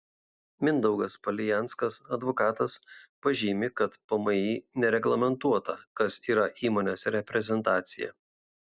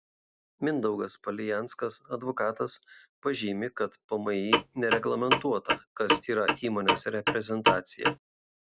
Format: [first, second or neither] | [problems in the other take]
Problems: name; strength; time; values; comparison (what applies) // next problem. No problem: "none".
first | background sound (Clock); 2 dB above the speech